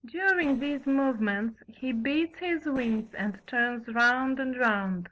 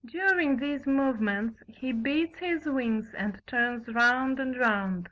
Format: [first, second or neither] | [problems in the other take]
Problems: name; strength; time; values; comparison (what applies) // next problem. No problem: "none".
second | noise reduction (neural separator model SepFormer DNS4)